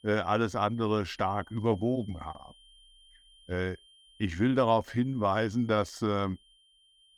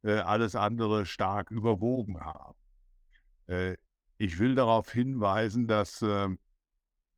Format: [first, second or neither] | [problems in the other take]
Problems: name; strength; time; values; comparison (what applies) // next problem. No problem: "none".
second | high-pitched whine; faint; throughout; 3 kHz, 30 dB below the speech